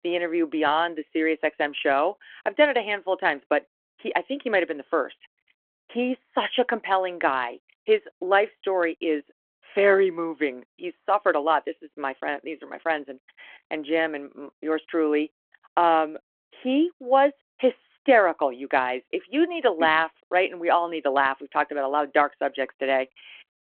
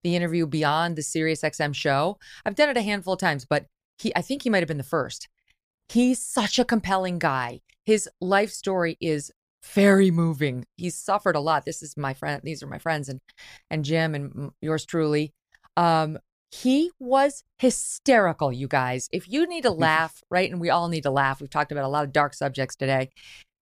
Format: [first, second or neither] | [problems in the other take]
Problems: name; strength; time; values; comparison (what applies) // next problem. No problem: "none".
second | phone-call audio